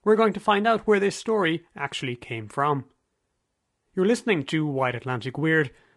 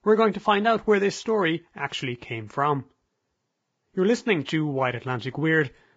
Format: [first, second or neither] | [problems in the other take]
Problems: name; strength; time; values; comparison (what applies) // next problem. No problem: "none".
first | garbled, watery; badly; nothing above 7.5 kHz; slightly in the first